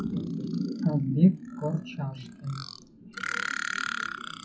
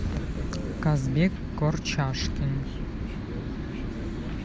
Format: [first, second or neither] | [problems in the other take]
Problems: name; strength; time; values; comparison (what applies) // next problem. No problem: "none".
second | noise reduction (classical method WPE with log-MMSE)